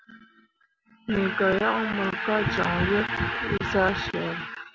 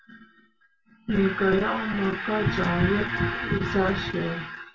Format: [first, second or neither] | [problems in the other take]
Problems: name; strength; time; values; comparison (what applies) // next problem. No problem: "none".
first | room echo; dies away in 0.2 s